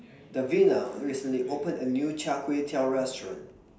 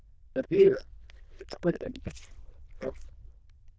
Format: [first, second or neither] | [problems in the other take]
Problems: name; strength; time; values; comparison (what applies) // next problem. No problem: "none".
first | noise reduction (neural diffusion model UNIVERSE++)